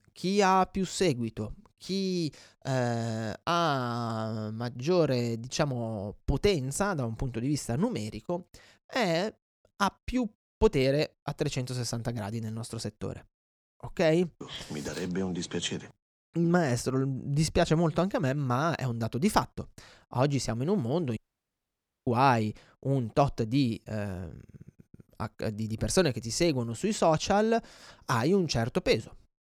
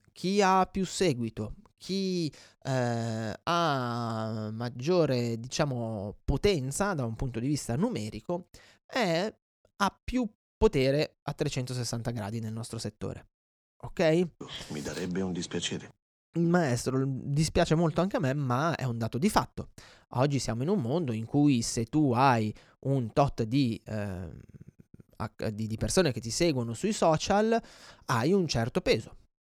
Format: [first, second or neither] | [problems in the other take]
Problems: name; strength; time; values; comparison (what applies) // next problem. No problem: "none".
second | audio cutting out; at 21 s for 1 s